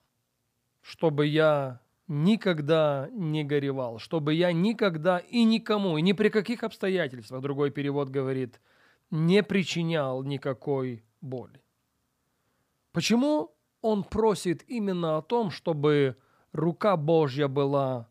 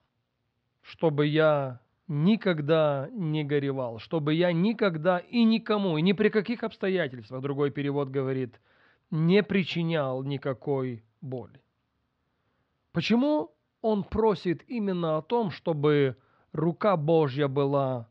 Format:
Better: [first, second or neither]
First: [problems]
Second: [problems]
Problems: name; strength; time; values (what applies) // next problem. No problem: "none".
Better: first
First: none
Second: muffled; very slightly; fading above 4 kHz